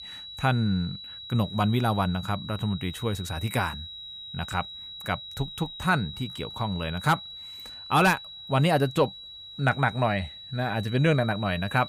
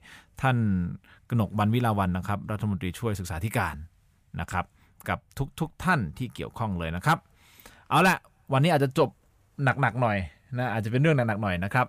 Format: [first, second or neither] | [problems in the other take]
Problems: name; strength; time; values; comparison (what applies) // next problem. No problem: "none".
second | high-pitched whine; noticeable; throughout; 4 kHz, 10 dB below the speech